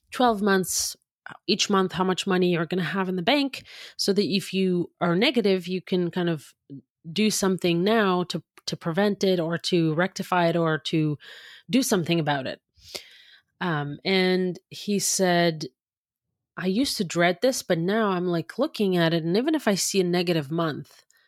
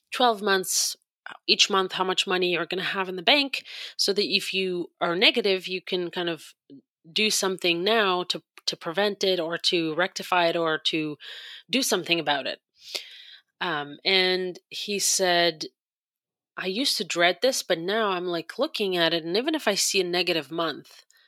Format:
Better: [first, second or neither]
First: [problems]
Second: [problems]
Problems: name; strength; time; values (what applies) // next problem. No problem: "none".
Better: first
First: none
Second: thin; somewhat; fading below 350 Hz